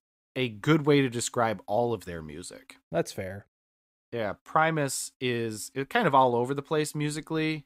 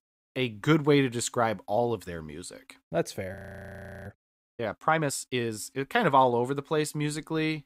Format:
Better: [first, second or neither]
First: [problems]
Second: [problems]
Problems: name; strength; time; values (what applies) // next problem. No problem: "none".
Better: first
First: none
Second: audio freezing; at 3.5 s for 0.5 s